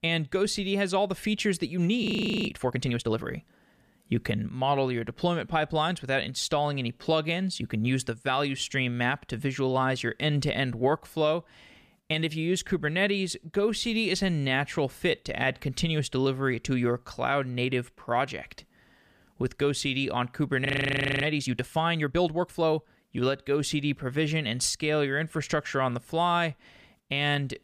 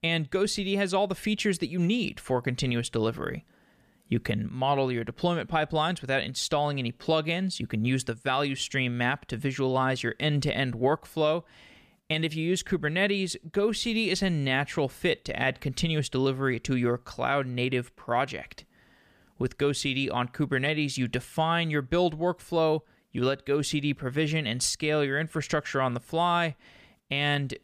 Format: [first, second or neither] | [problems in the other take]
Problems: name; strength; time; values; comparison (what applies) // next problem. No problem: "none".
second | audio freezing; at 2 s and at 21 s for 0.5 s